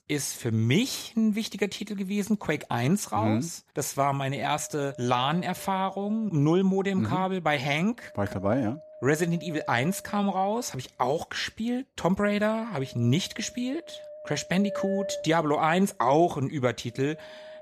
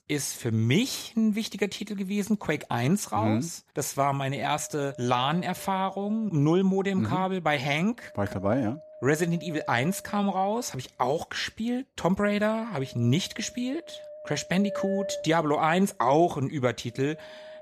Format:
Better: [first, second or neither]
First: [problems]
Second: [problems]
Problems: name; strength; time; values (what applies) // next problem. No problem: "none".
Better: neither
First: wind noise on the microphone; occasional gusts; from 4.5 s on; 15 dB below the speech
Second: wind noise on the microphone; occasional gusts; from 4.5 s on; 15 dB below the speech